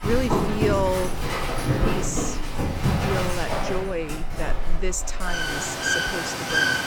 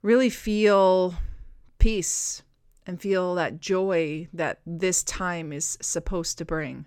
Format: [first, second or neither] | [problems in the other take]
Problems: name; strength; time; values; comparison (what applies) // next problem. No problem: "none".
second | animal sounds; very loud; throughout; 3 dB above the speech